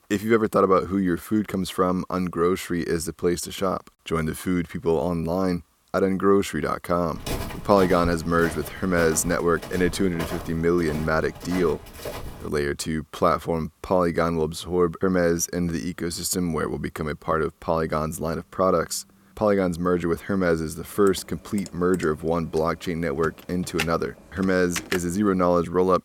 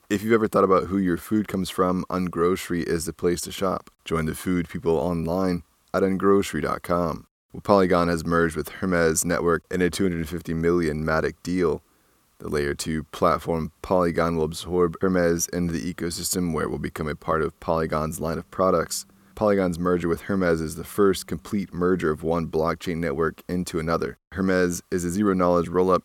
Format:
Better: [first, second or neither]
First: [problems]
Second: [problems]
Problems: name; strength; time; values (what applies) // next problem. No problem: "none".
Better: second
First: footsteps; noticeable; from 7 to 12 s; peak 7 dB below the speech // keyboard typing; noticeable; from 21 to 25 s; peak 6 dB below the speech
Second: none